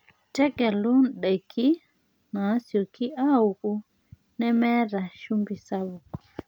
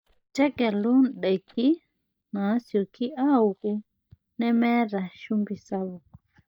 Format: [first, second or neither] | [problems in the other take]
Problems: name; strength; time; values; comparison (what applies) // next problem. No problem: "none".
first | noise reduction (neural mask model DeepFilterNet 3)